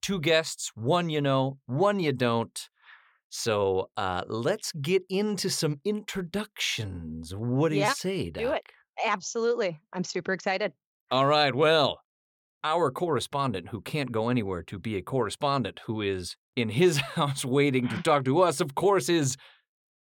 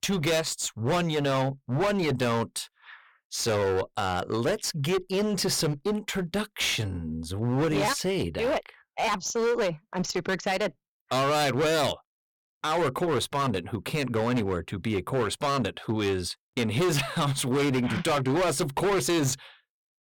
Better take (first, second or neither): first